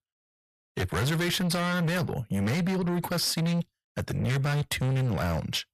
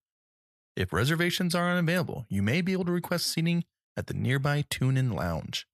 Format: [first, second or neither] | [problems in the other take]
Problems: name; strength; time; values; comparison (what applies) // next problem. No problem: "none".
second | distortion; heavy; 7 dB below the speech